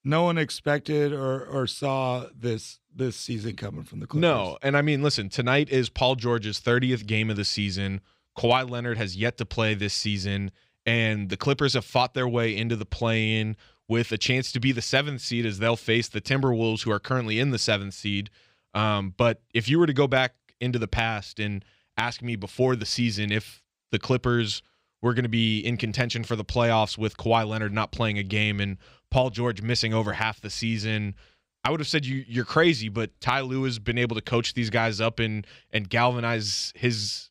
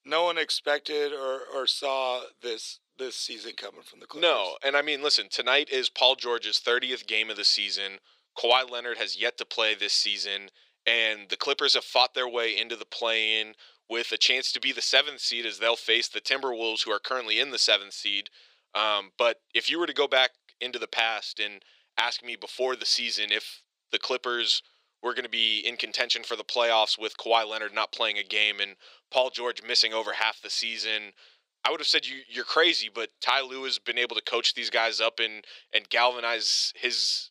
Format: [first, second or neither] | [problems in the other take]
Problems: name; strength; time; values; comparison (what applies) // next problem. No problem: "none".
first | thin; very; fading below 400 Hz